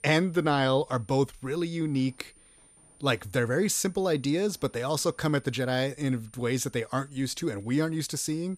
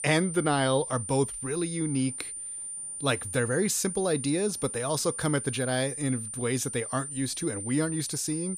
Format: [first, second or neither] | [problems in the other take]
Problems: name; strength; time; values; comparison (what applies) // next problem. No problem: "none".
first | high-pitched whine; loud; throughout; 9 kHz, 6 dB below the speech; faint in the first